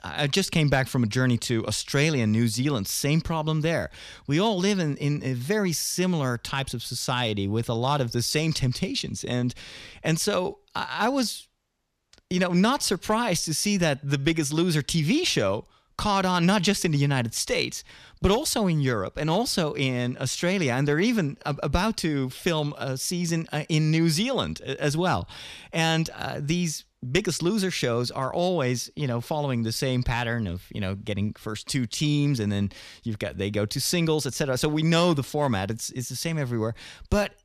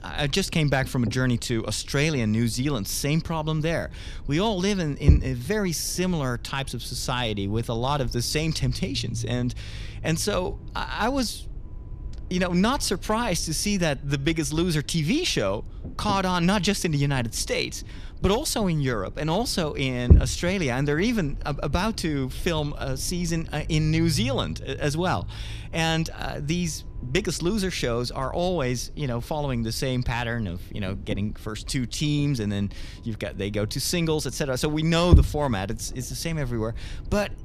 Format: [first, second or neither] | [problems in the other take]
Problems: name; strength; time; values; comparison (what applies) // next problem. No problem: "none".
first | low rumble; noticeable; throughout; 20 dB below the speech